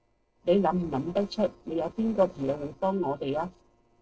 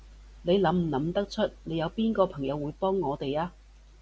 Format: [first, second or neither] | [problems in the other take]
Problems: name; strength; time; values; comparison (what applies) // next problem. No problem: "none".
second | noise reduction (neural separator model SepFormer DNS4)